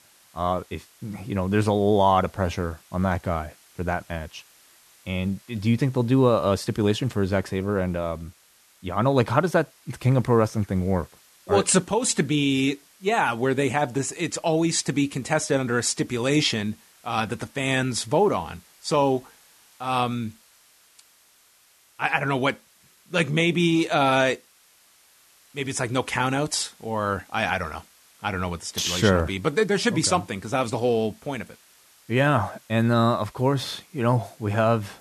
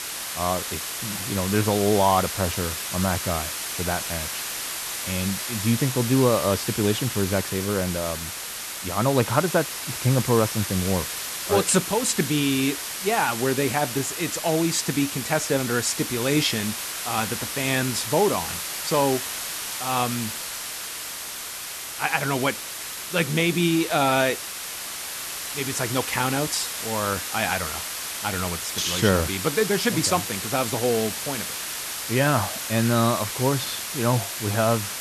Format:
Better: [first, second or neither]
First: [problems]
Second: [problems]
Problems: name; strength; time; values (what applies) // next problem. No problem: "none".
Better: first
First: hiss; faint; throughout; 30 dB below the speech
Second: hiss; loud; throughout; 4 dB below the speech